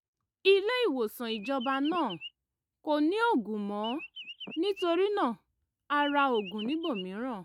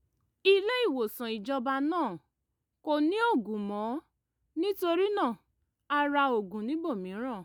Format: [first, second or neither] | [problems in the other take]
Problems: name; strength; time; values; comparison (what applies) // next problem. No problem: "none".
second | noise reduction (neural mask model RNNoise)